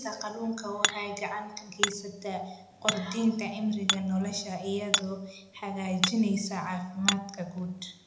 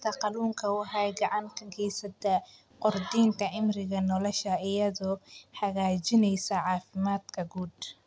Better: second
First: background sound (Hammer); 3 dB below the speech // room echo; dies away in 0.8 s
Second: none

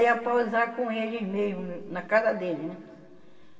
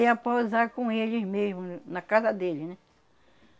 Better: second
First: room echo; dies away in 1.7 s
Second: none

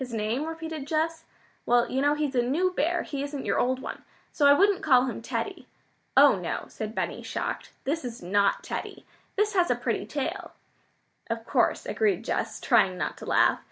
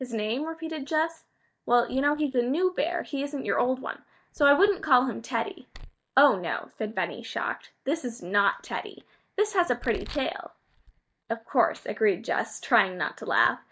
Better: first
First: none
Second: noise reduction (neural mask model DeepFilterNet 3)

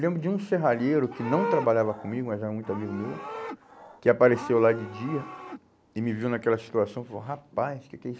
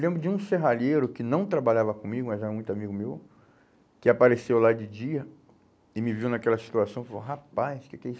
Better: second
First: background sound (Livestock, farm animals, working animals); 12 dB below the speech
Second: none

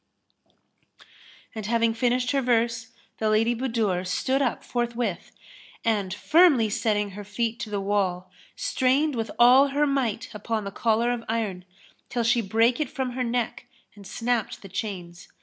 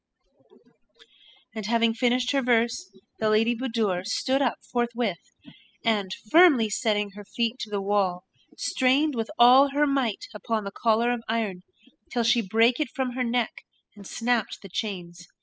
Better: first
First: none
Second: noise reduction (classical method spectral subtraction)

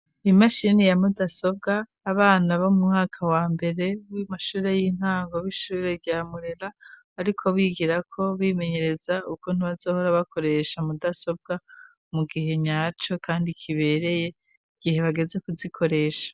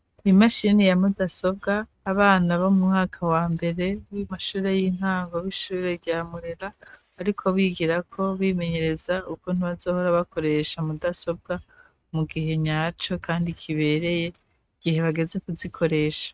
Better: first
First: none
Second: noise reduction (neural mask model RNNoise)

